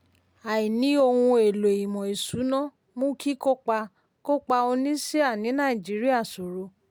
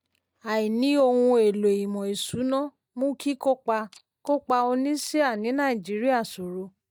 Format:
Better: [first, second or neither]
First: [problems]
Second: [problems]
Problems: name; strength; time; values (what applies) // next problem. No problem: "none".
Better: first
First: none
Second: noise reduction (neural mask model DeepFilterNet 3)